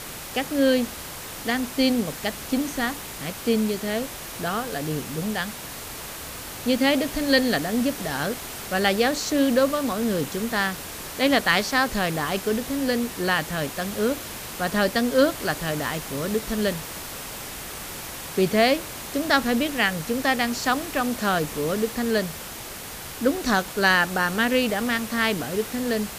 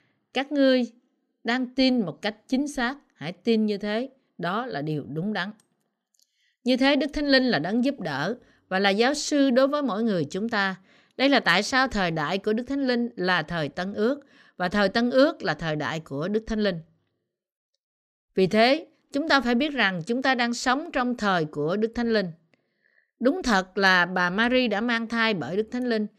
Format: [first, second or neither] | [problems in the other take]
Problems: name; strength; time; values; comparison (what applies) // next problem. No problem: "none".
second | hiss; loud; throughout; 10 dB below the speech